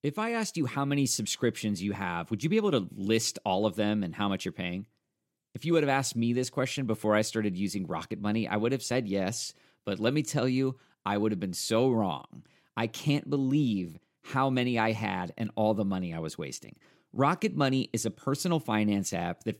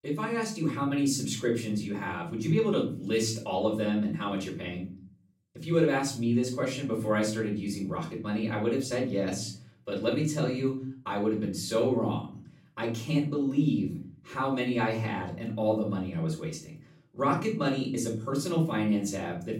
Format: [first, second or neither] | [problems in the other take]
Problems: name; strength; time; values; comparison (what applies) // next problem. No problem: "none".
first | off-mic speech; far // room echo; slight; dies away in 0.5 s